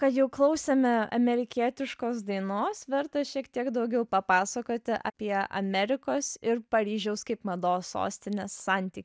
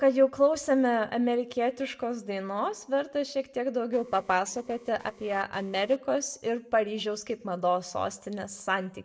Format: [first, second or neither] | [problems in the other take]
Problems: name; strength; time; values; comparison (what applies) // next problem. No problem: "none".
first | noise reduction (neural separator model SepFormer DNS4)